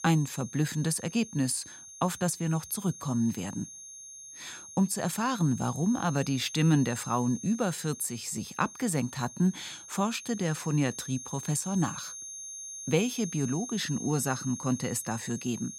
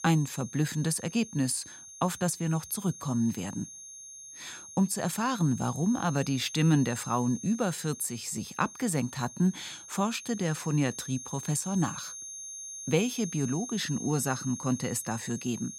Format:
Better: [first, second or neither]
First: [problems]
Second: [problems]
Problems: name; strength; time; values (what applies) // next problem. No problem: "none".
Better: neither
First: high-pitched whine; noticeable; throughout; 6.5 kHz, 10 dB below the speech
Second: high-pitched whine; noticeable; throughout; 6.5 kHz, 10 dB below the speech